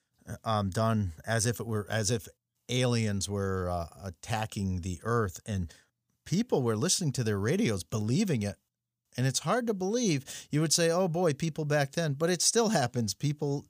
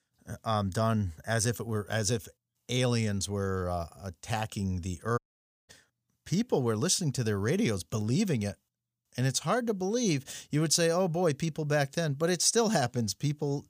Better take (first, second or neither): first